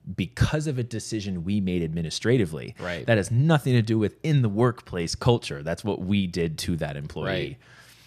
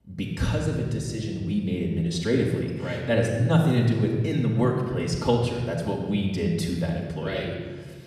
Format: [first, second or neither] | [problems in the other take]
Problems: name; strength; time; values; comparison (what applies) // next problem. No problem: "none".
first | off-mic speech; far // room echo; noticeable; dies away in 1.3 s